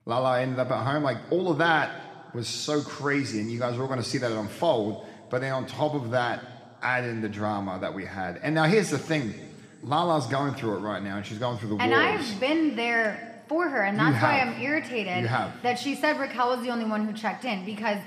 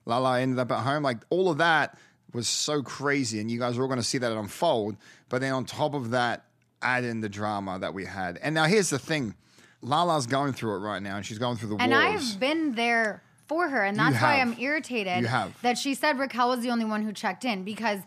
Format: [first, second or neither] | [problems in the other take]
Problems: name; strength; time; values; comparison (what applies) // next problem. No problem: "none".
second | room echo; slight; dies away in 1.8 s